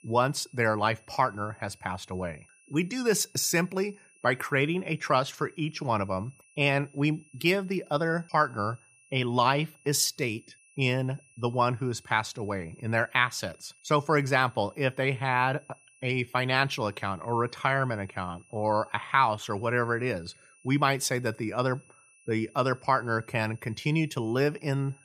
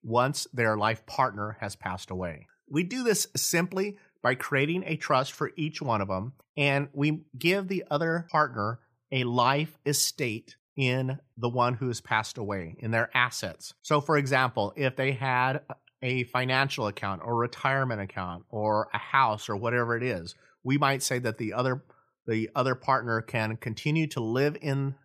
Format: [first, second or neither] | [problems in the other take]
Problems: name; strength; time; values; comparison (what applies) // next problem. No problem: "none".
second | high-pitched whine; faint; throughout; 2.5 kHz, 30 dB below the speech